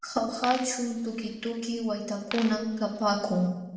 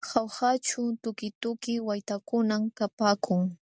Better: second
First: background sound (Coin (dropping)); 14 dB below the speech // room echo; dies away in 0.8 s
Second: none

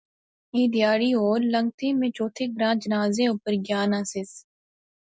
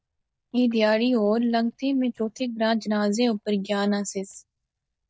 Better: first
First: none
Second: noise reduction (neural mask model DeepFilterNet 3)

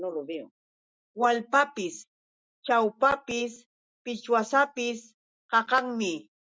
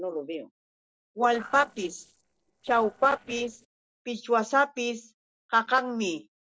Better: first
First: none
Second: noise reduction (neural separator model SepFormer DNS4)

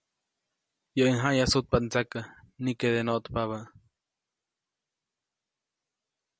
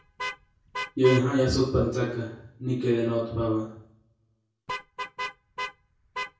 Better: first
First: none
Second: background sound (Vehicle horn, car horn, honking); 11 dB below the speech // room echo; dies away in 0.6 s

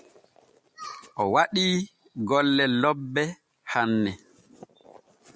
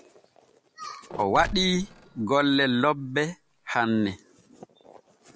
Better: first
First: none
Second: background sound (Mechanisms); 14 dB below the speech

